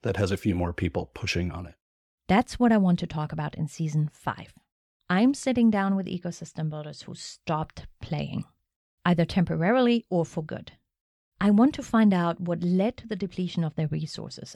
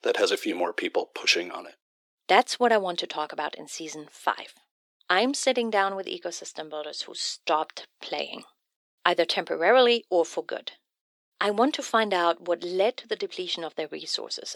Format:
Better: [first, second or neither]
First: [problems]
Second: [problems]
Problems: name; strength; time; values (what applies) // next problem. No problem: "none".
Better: first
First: none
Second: thin; very; fading below 350 Hz